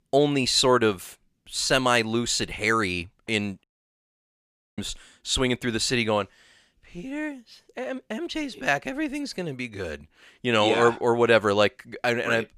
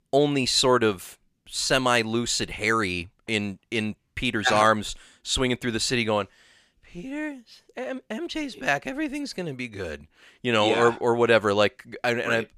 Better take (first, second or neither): second